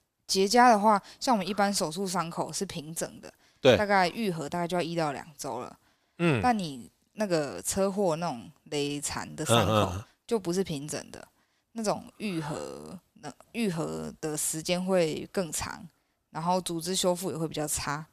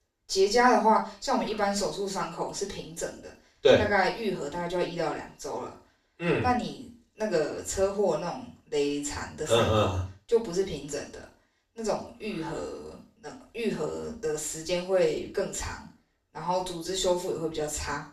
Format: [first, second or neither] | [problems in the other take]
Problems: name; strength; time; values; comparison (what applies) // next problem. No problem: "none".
first | room echo; slight; dies away in 0.4 s // off-mic speech; far